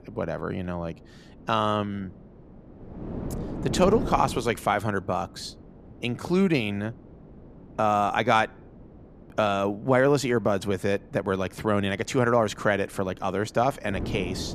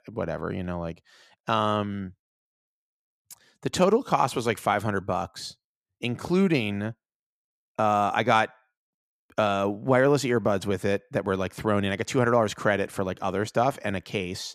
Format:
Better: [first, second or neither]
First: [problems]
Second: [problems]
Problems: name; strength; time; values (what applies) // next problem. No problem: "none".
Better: second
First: wind noise on the microphone; occasional gusts; 20 dB below the speech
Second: none